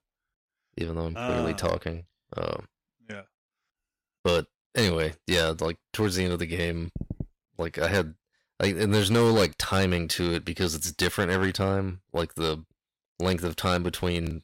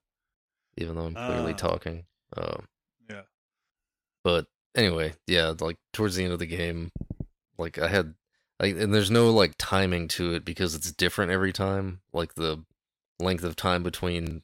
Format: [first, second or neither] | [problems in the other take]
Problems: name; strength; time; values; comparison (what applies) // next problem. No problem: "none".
second | distortion; slight; 3% of the sound clipped